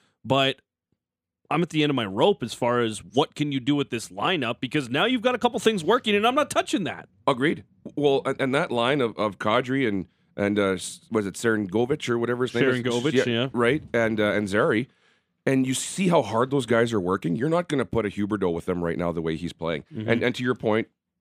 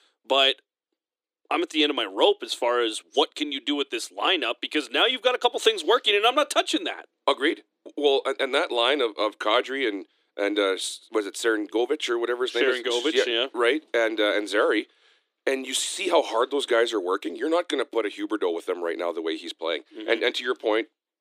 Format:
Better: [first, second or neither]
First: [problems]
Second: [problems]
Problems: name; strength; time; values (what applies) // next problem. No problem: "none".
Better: first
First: none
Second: thin; somewhat; fading below 300 Hz